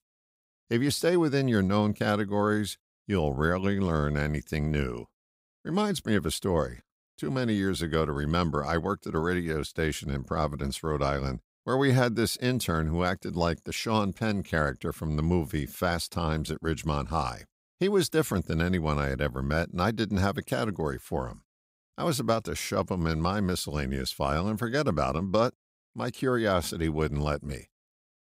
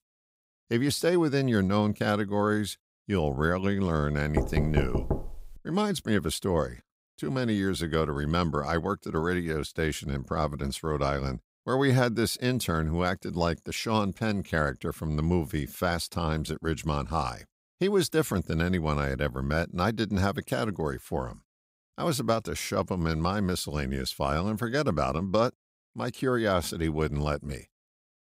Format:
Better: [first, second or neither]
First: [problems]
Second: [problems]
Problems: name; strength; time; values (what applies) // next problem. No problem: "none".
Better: first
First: none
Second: door banging; noticeable; from 4.5 to 5.5 s; peak 2 dB below the speech